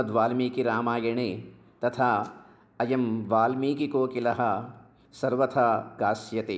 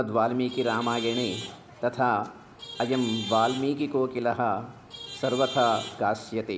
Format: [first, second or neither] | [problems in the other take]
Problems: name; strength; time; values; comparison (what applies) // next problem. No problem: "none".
first | background sound (Traffic noise, roadway noise / Vehicle horn, car horn, honking); 12 dB below the speech